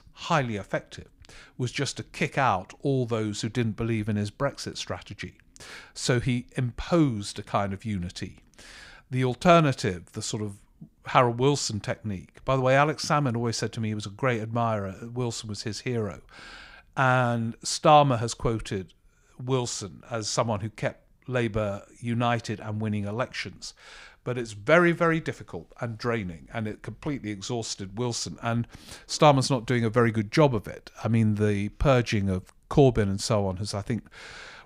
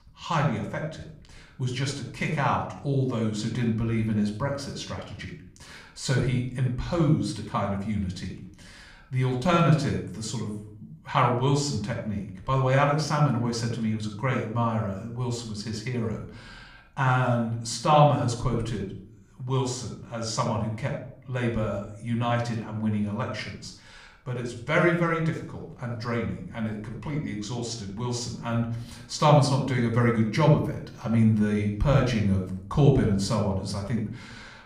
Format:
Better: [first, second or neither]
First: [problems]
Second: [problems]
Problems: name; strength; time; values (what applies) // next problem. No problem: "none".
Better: first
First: none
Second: off-mic speech; somewhat distant // room echo; slight; dies away in 0.5 s